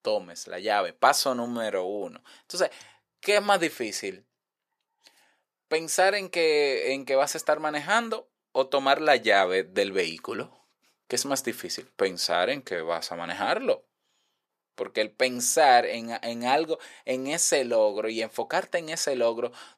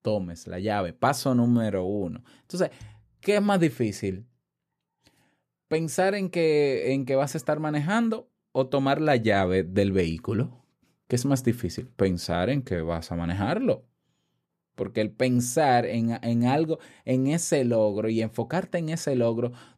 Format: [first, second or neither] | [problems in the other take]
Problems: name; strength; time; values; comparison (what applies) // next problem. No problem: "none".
second | thin; somewhat; fading below 600 Hz